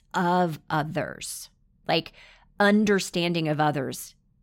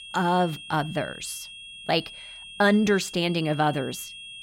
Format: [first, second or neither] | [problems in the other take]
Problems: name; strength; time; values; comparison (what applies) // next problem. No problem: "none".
first | high-pitched whine; noticeable; throughout; 3.5 kHz, 15 dB below the speech